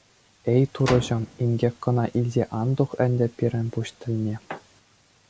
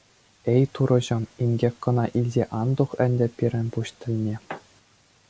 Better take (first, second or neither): second